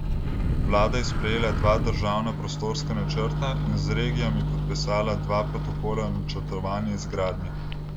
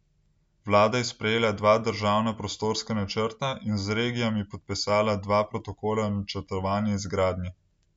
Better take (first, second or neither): second